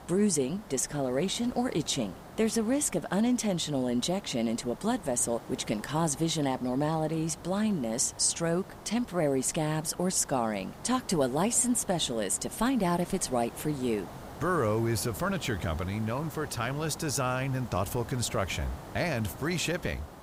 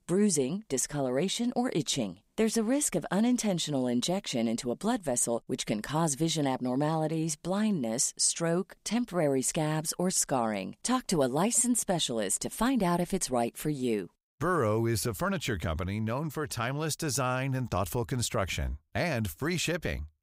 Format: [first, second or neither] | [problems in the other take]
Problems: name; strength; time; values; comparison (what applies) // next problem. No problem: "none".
second | hiss; noticeable; throughout; 15 dB below the speech